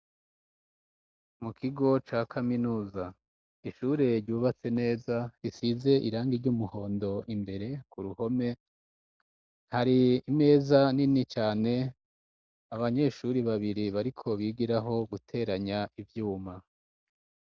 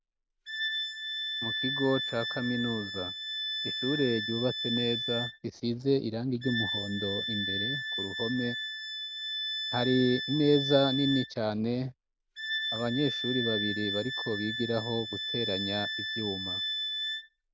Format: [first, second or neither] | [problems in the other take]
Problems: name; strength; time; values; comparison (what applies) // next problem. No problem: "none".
first | background sound (Wind instrument, woodwind instrument); 3 dB below the speech